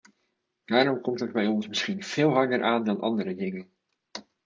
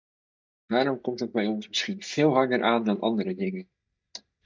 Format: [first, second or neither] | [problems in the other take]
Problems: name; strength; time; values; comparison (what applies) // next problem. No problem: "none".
first | noise reduction (neural mask model DeepFilterNet 3)